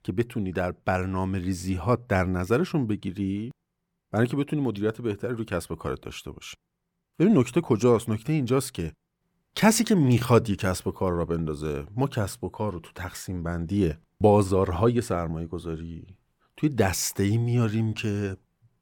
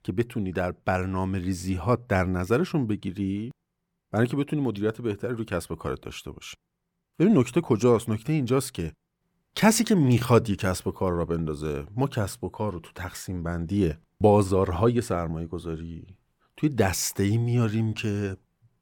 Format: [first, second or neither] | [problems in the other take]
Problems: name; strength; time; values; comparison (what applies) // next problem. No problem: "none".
neither | none